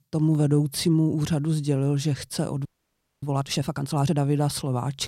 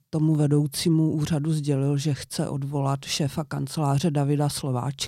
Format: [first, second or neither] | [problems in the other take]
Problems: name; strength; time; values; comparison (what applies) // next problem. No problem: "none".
second | audio freezing; at 2.5 s for 0.5 s